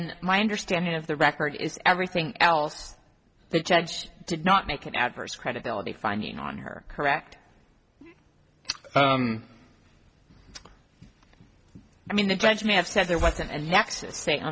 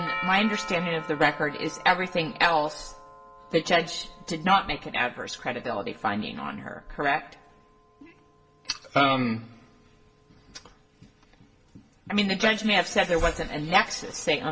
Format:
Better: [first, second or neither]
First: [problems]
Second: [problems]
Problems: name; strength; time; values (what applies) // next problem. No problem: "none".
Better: first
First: none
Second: background sound (Doorbell); 16 dB below the speech // room echo; dies away in 0.6 s